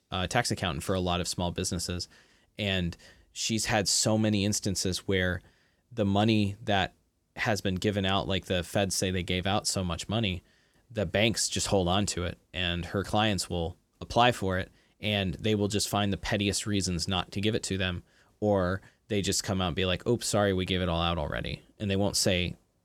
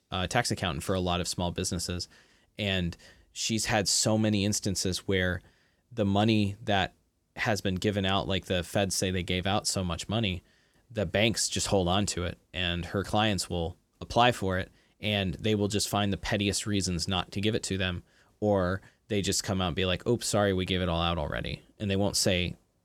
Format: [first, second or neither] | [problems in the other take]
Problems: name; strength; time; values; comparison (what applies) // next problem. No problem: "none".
neither | none